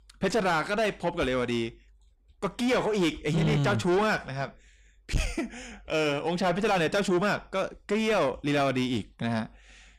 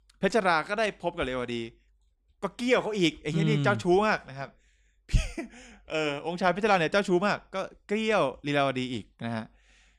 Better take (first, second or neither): second